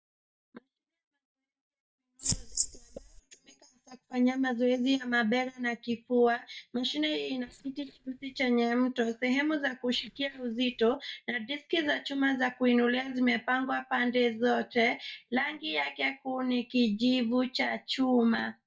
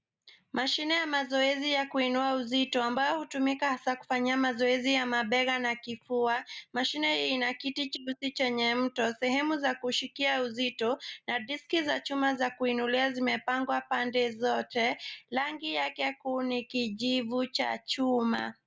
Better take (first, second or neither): second